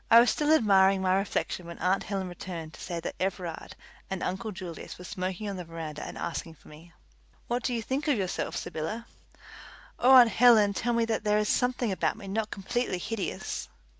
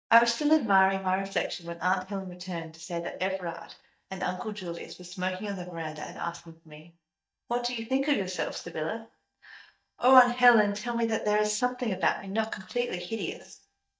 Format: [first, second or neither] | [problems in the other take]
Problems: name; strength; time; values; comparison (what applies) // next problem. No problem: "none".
first | noise reduction (neural mask model DeepFilterNet 3)